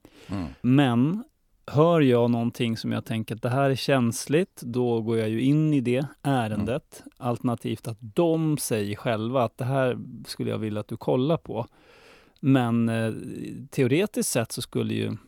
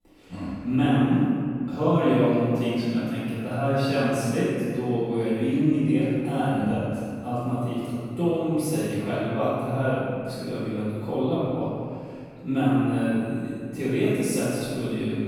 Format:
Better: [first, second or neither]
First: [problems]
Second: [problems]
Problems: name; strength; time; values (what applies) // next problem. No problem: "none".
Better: first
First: none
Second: off-mic speech; far // room echo; strong; dies away in 2 s